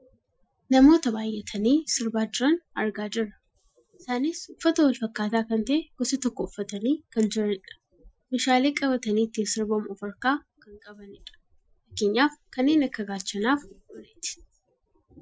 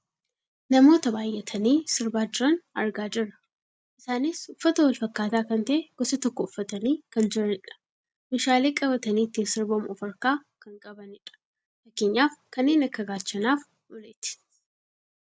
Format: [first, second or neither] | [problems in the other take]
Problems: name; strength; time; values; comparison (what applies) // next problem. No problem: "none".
second | noise reduction (classical method Wiener filter)